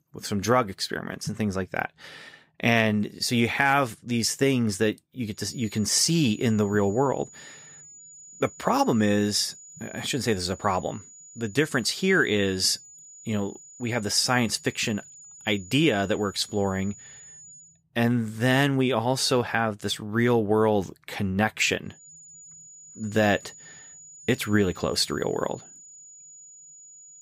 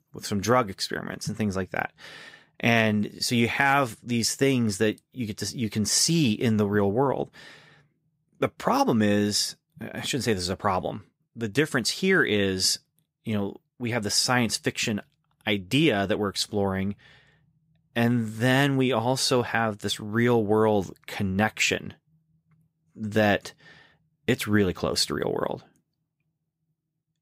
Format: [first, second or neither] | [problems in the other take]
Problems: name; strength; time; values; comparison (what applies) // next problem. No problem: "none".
second | high-pitched whine; noticeable; from 5.5 to 18 s and from 22 s on; 7 kHz, 20 dB below the speech